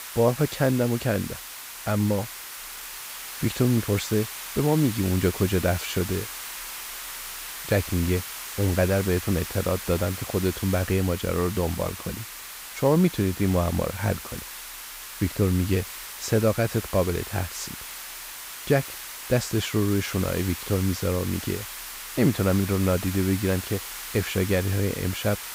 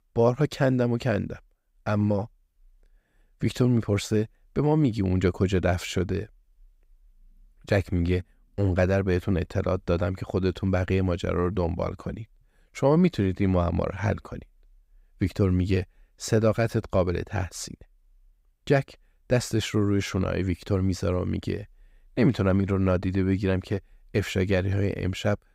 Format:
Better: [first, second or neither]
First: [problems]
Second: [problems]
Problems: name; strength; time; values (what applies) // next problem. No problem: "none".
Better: second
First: hiss; loud; throughout; 9 dB below the speech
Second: none